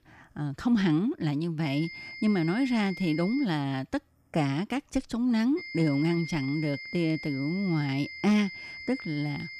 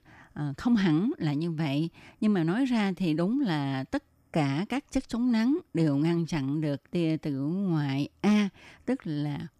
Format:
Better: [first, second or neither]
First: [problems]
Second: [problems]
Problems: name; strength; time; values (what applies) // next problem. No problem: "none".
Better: second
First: high-pitched whine; noticeable; from 1.5 to 3.5 s and from 5.5 s on; 2 kHz, 10 dB below the speech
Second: none